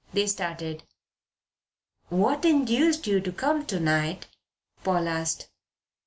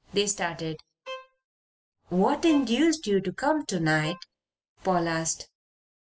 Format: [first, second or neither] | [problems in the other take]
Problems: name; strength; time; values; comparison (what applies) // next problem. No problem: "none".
first | noise reduction (classical method spectral subtraction)